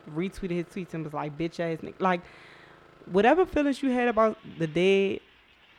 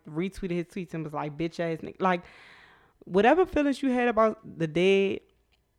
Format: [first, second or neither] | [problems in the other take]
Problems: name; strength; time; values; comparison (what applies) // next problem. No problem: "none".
second | traffic noise; faint; throughout; 30 dB below the speech